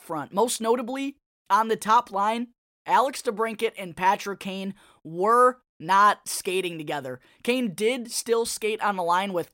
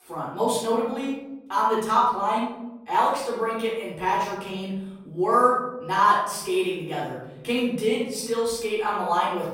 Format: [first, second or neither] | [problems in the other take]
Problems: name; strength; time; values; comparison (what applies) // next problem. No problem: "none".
first | room echo; noticeable; dies away in 1.1 s // off-mic speech; far